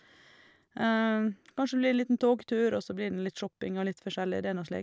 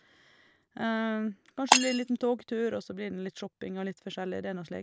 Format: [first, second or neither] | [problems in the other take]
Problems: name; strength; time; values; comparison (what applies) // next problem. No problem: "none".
first | background sound (Shatter); as loud as the speech